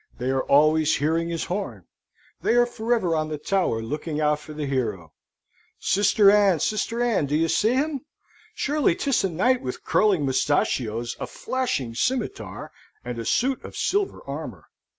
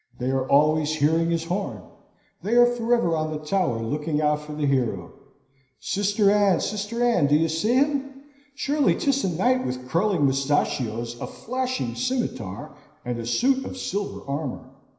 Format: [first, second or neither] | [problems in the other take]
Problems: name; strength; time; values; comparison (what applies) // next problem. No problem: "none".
first | room echo; dies away in 0.9 s